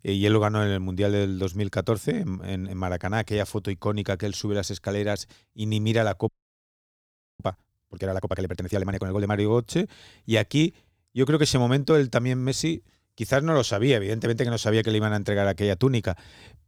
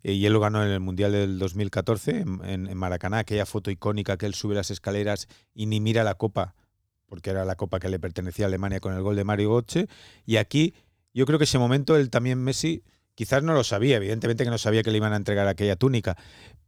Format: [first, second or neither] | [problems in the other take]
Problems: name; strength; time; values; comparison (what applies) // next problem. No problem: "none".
second | audio freezing; at 6.5 s for 1 s